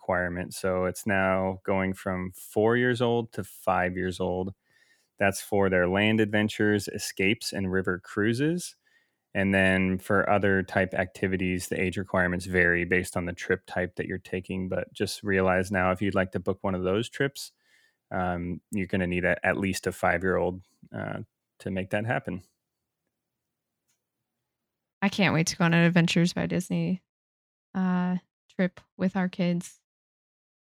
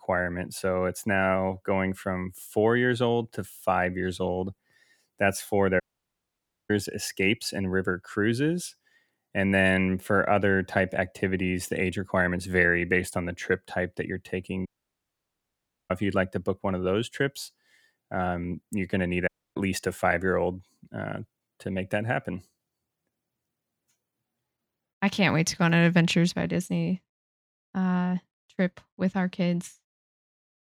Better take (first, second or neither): first